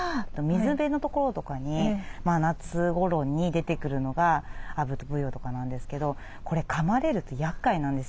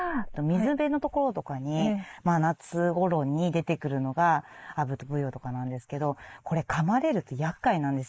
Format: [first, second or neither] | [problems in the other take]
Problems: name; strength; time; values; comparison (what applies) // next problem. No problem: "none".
first | noise reduction (neural mask model Resemble Enhance denoiser)